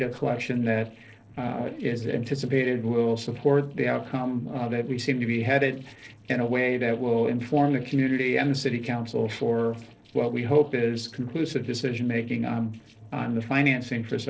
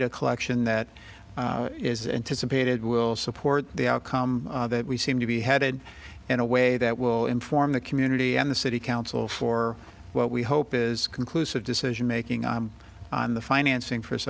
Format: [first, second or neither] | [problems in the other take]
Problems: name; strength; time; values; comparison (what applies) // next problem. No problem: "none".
second | noise reduction (neural separator model SepFormer DNS4)